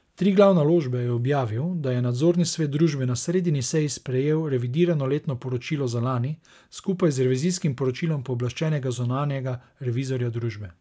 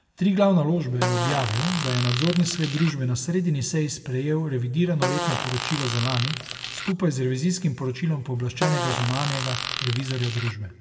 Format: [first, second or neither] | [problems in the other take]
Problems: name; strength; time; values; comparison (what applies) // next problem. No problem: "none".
first | background sound (Fart); 5 dB below the speech // room echo; dies away in 1.2 s